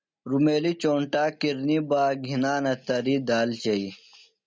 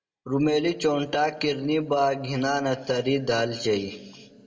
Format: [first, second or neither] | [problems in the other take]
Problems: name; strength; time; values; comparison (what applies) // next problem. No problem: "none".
first | room echo; dies away in 1.5 s